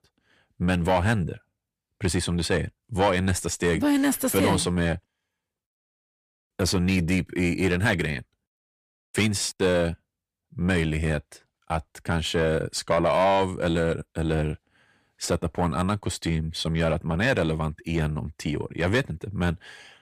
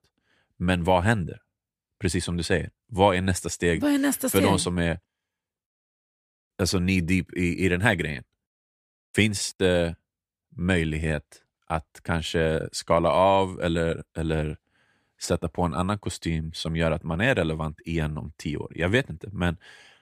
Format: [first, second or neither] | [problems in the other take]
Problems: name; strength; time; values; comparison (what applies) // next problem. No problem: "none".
second | distortion; slight; 10 dB below the speech